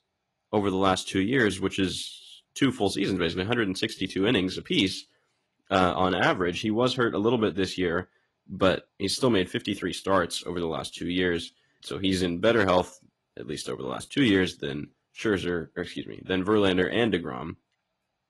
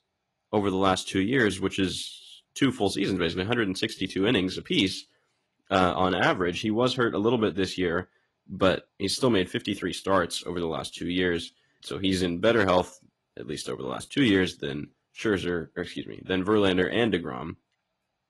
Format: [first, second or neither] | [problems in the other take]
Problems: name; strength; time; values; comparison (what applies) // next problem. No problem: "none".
neither | garbled, watery; slightly; nothing above 11 kHz; the same in both